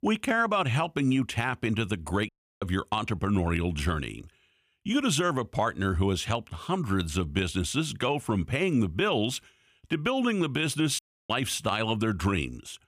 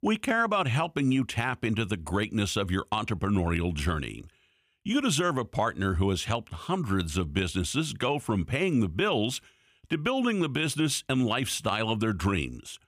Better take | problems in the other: second | audio cutting out; at 2.5 s and at 11 s

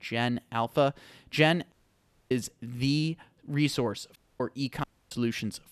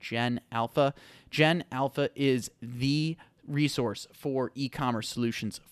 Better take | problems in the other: second | audio cutting out; at 1.5 s for 0.5 s, at 4 s and at 5 s

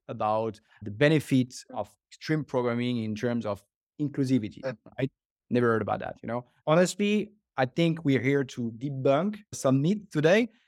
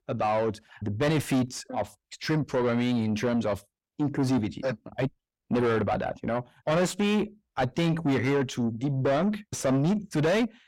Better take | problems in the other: first | distortion; heavy; 7 dB below the speech

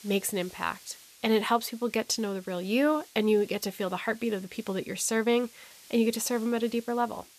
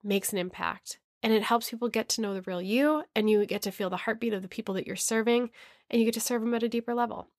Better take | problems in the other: second | hiss; faint; throughout; 20 dB below the speech

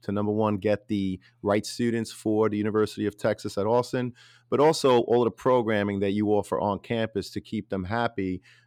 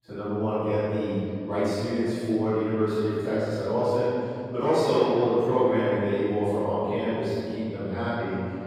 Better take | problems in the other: first | off-mic speech; far // room echo; strong; dies away in 2.6 s

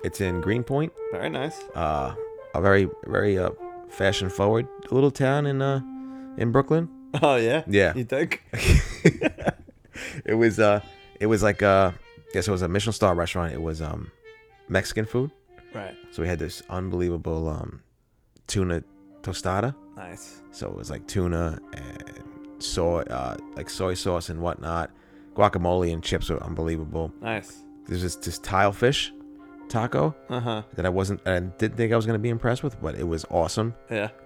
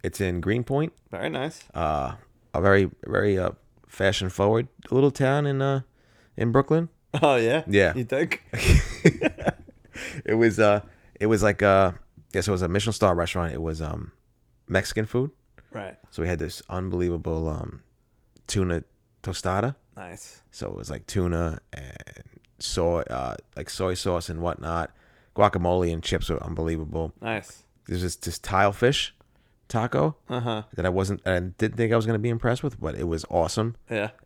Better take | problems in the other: second | background music; noticeable; throughout; 20 dB below the speech

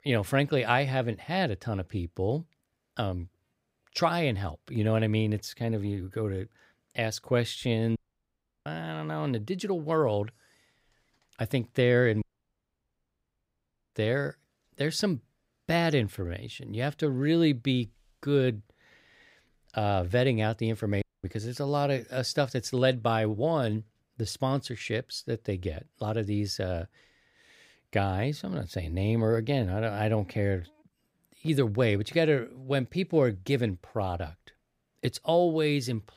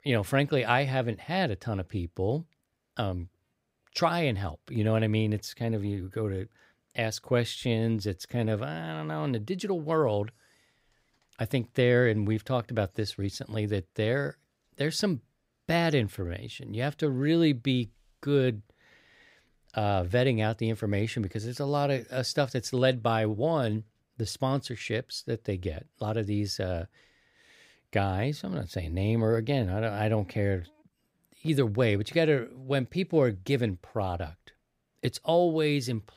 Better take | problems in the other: second | audio cutting out; at 8 s for 0.5 s, at 12 s for 1.5 s and at 21 s

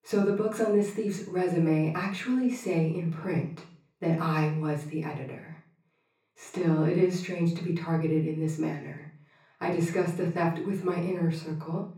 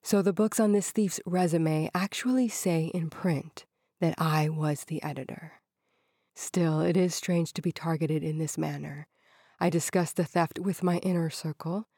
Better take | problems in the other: second | room echo; slight; dies away in 0.5 s // off-mic speech; far

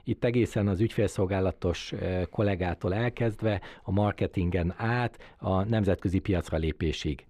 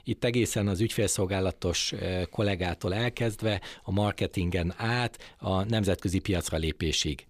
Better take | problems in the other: second | muffled; slightly; fading above 3 kHz

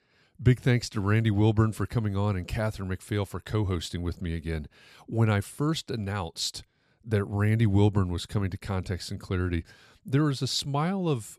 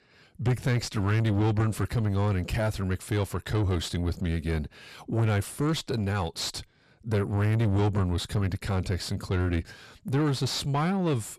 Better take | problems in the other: first | distortion; heavy; 7 dB below the speech

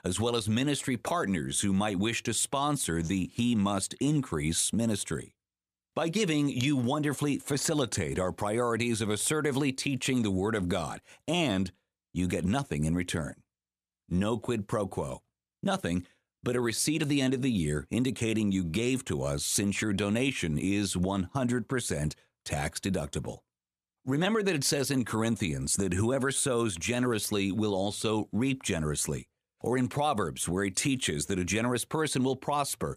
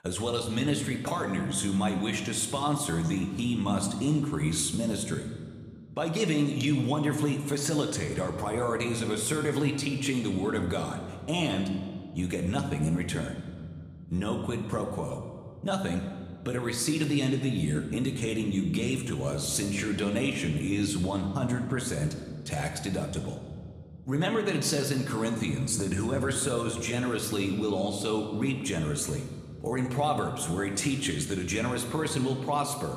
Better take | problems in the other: first | room echo; slight; dies away in 1.6 s

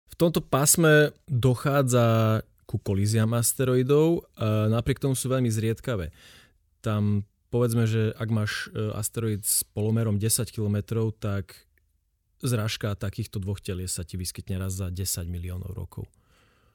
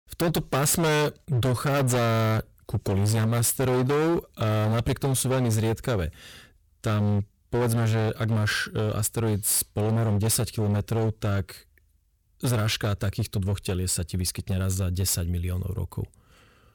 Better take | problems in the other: first | distortion; heavy; 22% of the sound clipped

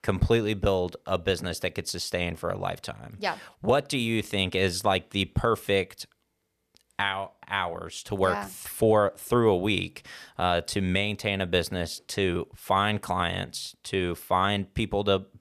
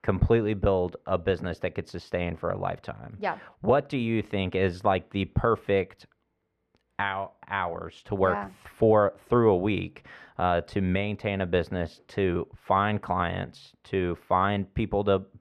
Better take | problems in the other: first | muffled; very; fading above 4 kHz

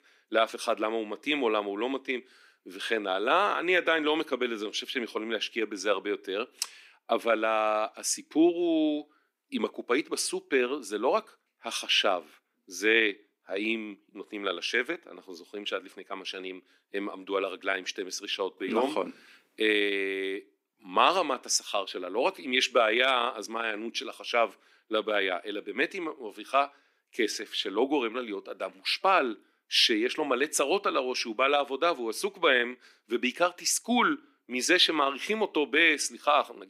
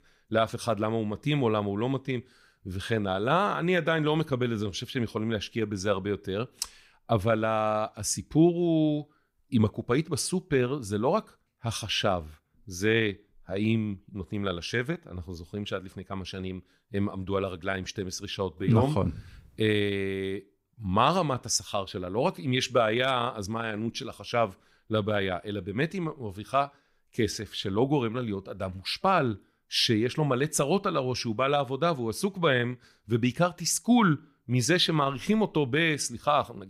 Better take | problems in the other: second | thin; somewhat; fading below 250 Hz

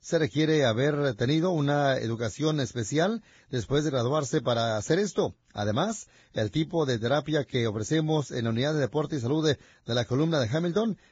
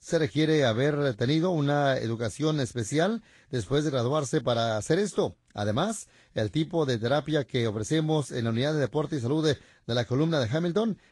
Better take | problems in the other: second | garbled, watery; badly; nothing above 7.5 kHz; slightly in the second

